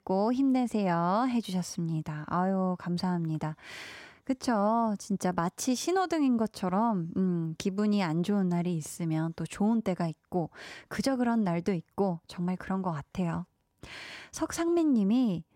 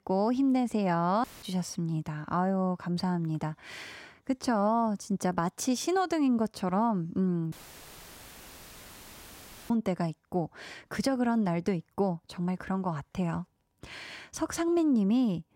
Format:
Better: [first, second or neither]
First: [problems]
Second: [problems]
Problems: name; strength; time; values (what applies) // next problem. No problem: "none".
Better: first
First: none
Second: audio cutting out; filled with static; at 1 s and at 7.5 s for 2 s